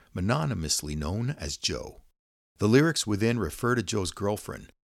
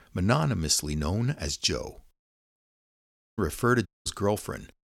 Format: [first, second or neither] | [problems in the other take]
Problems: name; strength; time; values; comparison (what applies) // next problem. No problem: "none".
first | audio cutting out; at 2.5 s for 1 s and at 4 s